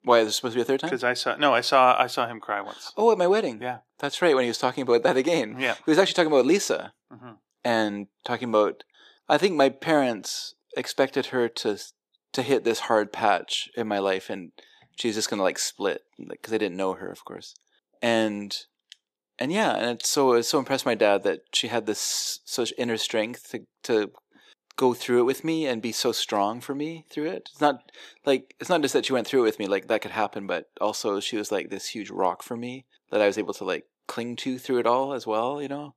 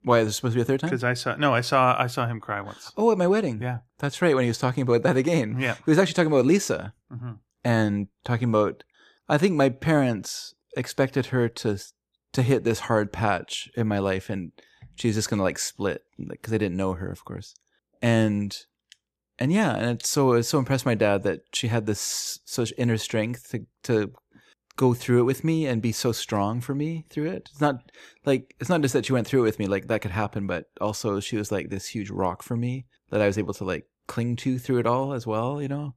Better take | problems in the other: second | thin; somewhat; fading below 350 Hz

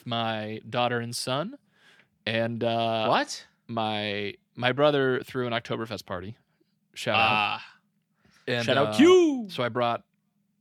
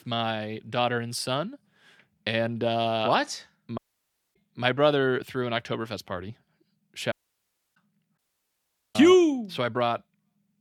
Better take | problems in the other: first | audio cutting out; at 4 s for 0.5 s, at 7 s for 0.5 s and at 8 s for 1 s

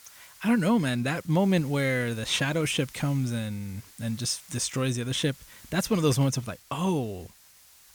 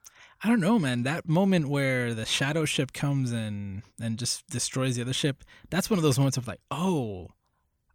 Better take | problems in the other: second | hiss; faint; throughout; 25 dB below the speech

